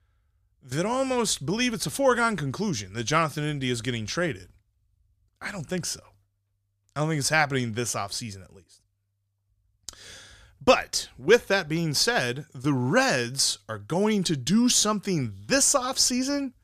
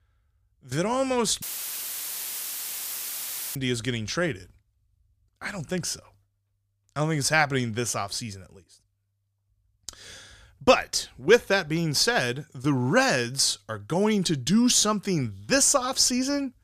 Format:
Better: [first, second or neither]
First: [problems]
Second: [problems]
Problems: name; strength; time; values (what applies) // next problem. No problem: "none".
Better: first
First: none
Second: audio cutting out; filled with static; at 1.5 s for 2 s